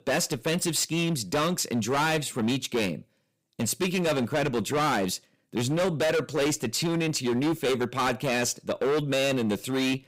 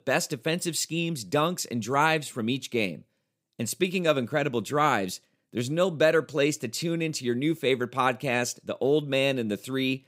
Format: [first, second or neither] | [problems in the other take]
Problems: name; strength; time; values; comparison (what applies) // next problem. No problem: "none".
second | distortion; heavy; 20% of the sound clipped